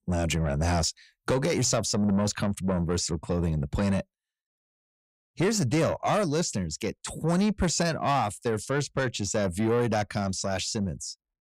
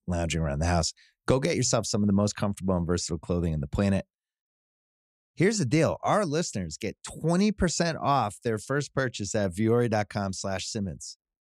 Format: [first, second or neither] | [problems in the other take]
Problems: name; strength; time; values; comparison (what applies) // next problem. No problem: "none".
second | distortion; slight; 10 dB below the speech